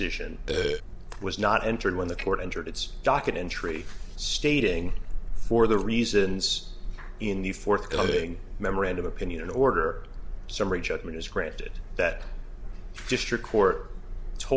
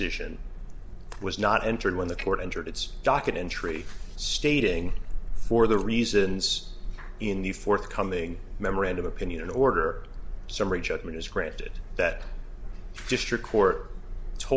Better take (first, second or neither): second